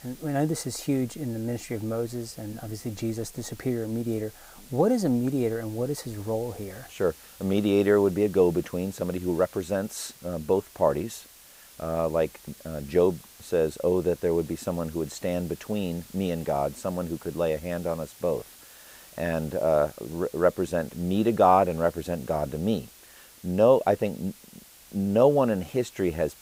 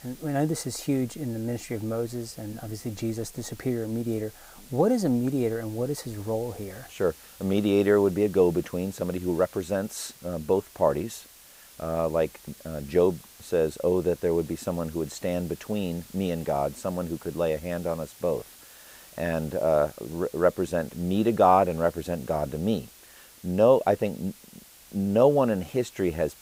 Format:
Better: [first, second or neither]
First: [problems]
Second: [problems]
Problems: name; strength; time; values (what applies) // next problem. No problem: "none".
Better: neither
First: hiss; faint; throughout; 20 dB below the speech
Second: hiss; faint; throughout; 20 dB below the speech